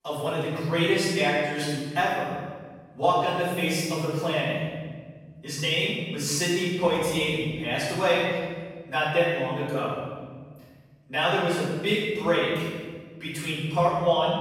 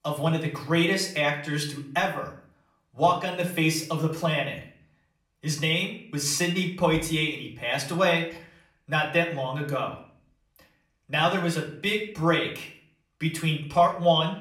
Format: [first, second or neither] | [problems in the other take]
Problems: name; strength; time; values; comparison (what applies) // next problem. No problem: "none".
second | room echo; strong; dies away in 1.6 s; slight in the second // off-mic speech; far; far in the second